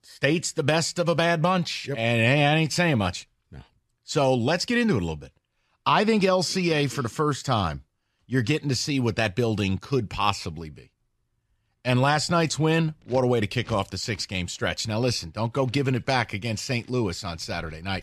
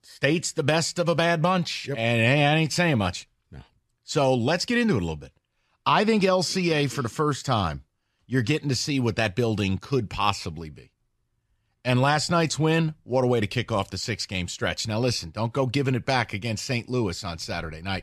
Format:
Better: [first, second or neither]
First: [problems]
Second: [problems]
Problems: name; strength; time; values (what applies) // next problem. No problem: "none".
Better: second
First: household noises; very faint; from 13 s on; 25 dB below the speech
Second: none